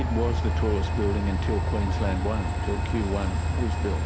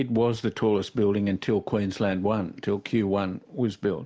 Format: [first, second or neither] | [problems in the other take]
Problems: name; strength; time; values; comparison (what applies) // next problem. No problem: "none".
second | background sound (Train); 5 dB above the speech